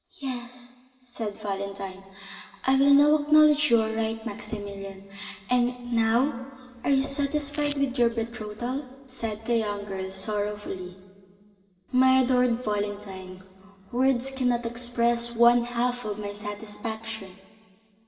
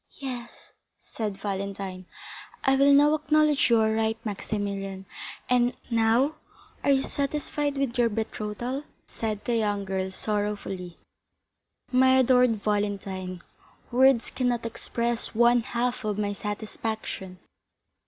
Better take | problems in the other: second | background sound (Domestic sounds, home sounds); 17 dB below the speech // room echo; dies away in 2.1 s

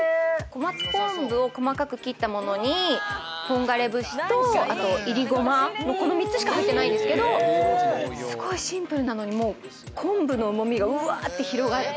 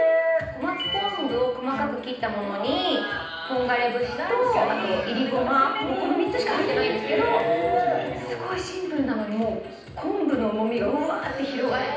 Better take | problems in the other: first | background sound (Bowed string instrument); 18 dB below the speech // room echo; dies away in 0.9 s

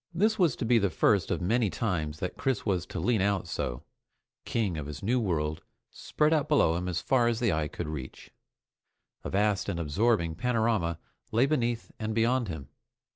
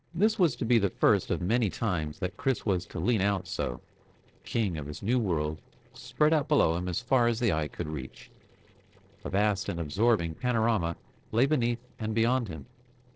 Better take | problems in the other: first | noise reduction (neural separator model SepFormer DNS4)

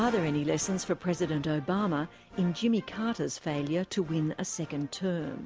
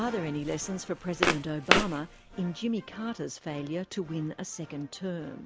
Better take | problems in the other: first | background sound (Walk, footsteps); 2 dB above the speech

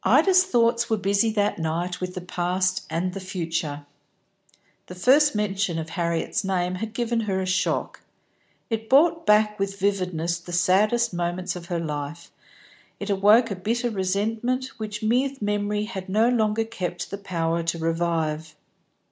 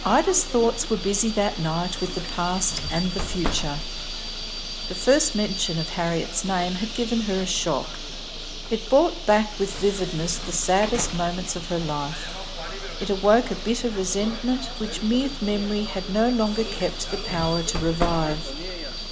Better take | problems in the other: first | background sound (Bird + Bus / Alarm); 6 dB below the speech

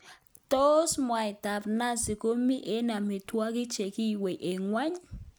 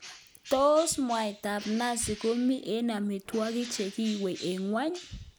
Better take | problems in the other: first | background sound (Bird); 17 dB below the speech

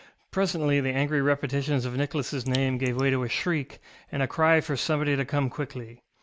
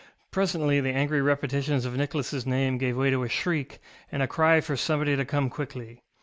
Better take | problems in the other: second | background sound (Raindrop); 16 dB below the speech

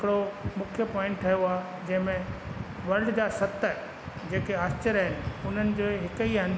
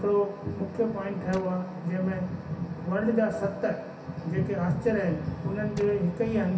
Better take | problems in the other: first | background sound (Tools); 17 dB below the speech // room echo; dies away in 0.3 s

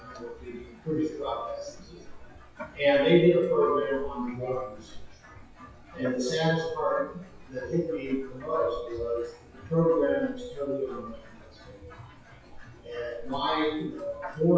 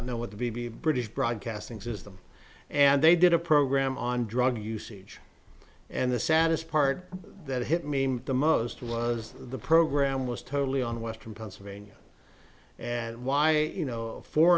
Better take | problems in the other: second | noise reduction (classical method WPE with log-MMSE)

